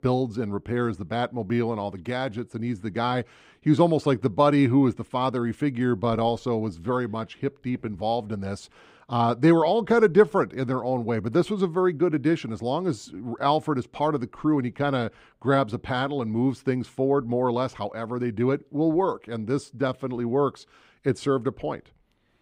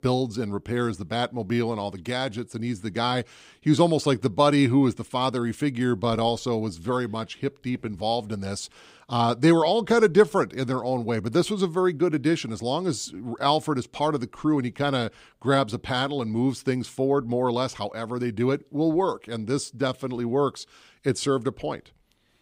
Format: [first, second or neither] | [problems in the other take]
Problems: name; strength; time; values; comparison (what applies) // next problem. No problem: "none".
second | muffled; slightly; fading above 3 kHz